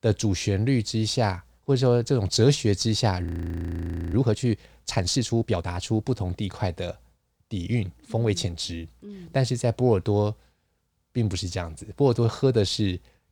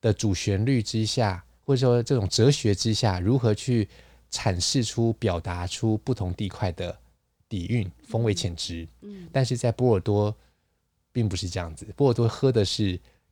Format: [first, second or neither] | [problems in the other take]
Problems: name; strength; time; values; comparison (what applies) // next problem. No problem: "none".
second | audio freezing; at 3.5 s for 1 s